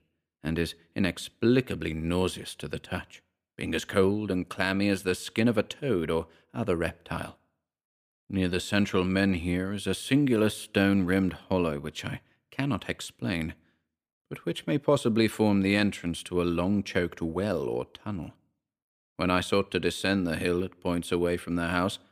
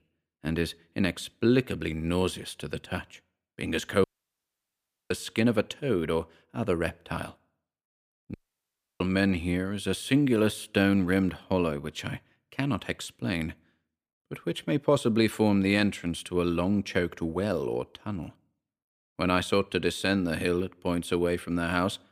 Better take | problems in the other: first | audio cutting out; at 4 s for 1 s and at 8.5 s for 0.5 s

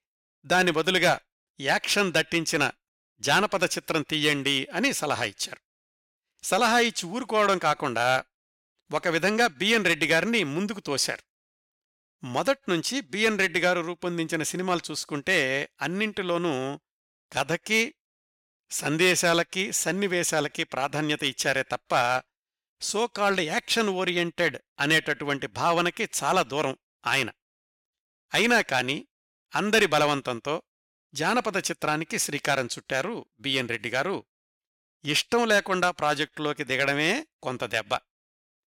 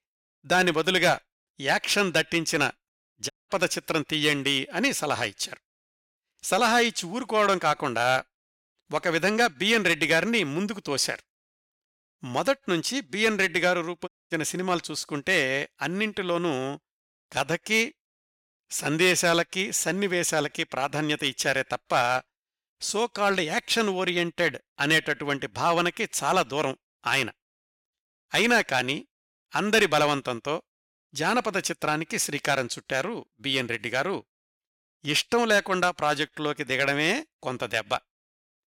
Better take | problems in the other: first | audio cutting out; at 3.5 s and at 14 s

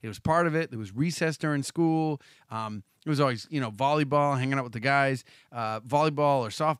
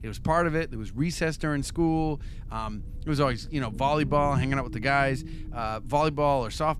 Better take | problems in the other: first | low rumble; faint; throughout; 20 dB below the speech

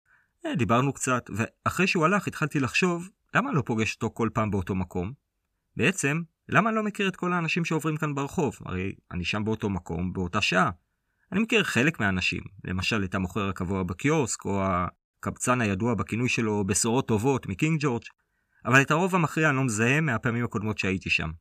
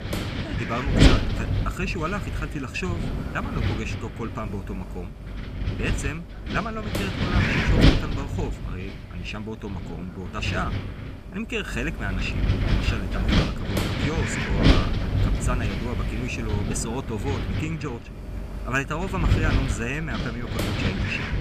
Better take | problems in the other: first | wind noise on the microphone; heavy; 2 dB above the speech

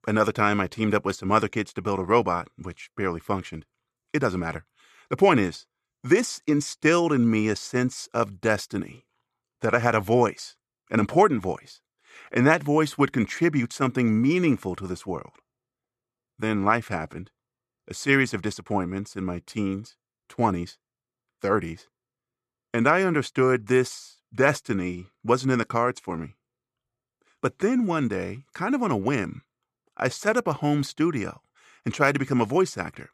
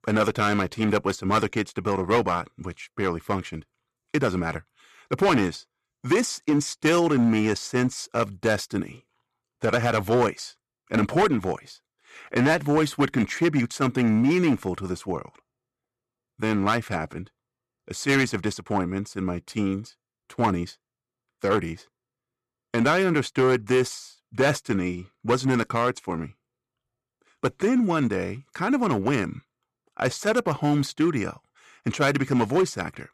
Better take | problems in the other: first | distortion; slight; 4% of the sound clipped

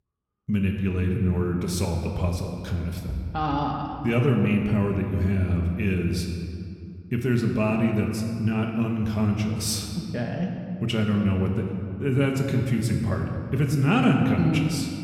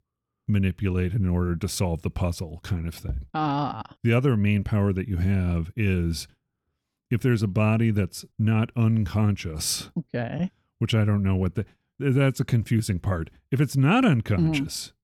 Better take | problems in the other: second | room echo; noticeable; dies away in 2 s

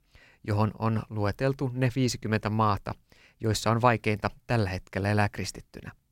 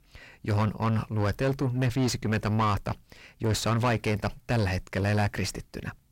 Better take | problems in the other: first | distortion; heavy; 7 dB below the speech

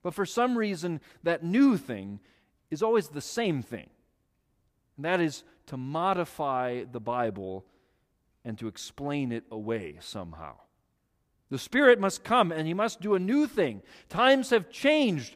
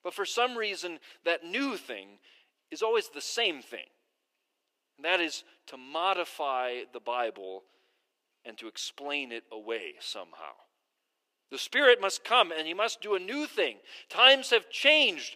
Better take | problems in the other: first | thin; somewhat; fading below 350 Hz

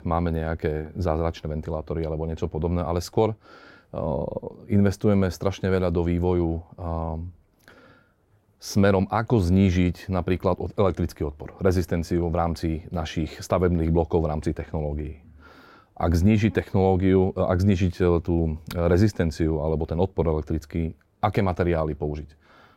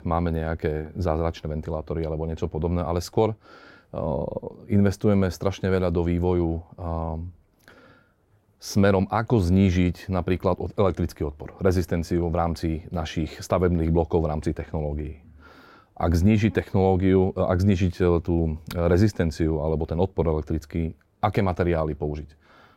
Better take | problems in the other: neither | none

